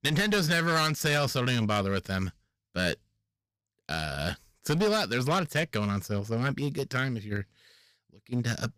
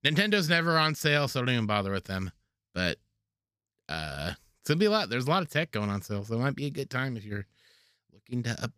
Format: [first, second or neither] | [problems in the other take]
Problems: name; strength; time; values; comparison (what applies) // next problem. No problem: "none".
second | distortion; heavy; 9% of the sound clipped